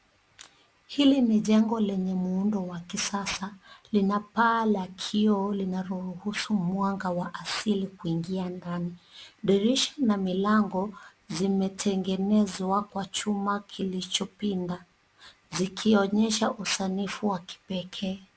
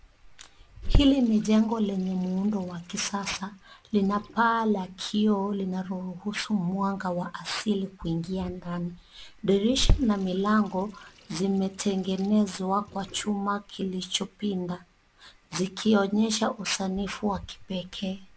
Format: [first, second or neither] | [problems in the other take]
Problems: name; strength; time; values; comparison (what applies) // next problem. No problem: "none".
first | background sound (Sink (filling or washing) / Water tap, faucet); 8 dB below the speech